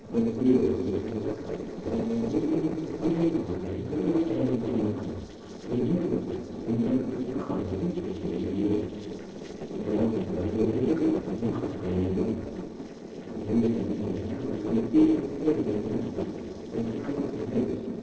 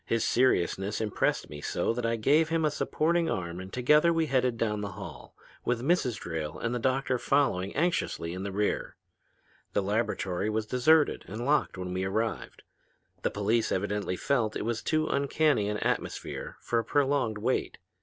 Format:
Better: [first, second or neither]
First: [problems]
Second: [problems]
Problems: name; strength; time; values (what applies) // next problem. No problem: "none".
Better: second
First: noise reduction (neural separator model SepFormer DNS4)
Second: none